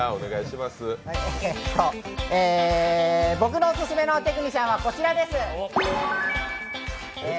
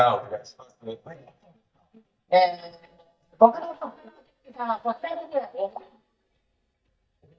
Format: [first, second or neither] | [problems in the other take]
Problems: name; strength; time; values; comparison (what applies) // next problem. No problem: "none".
first | noise reduction (neural mask model DeepFilterNet 3)